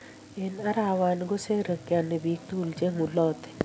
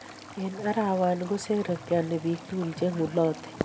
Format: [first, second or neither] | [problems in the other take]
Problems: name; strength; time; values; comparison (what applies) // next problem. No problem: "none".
first | background sound (Stream); 19 dB below the speech